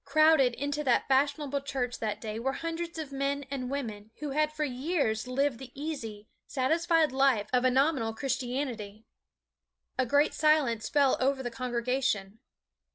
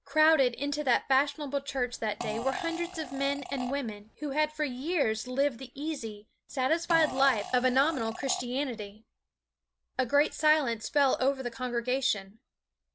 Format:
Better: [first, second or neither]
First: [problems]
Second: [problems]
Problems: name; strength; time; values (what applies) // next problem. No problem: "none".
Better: first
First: none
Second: background sound (Fart); 11 dB below the speech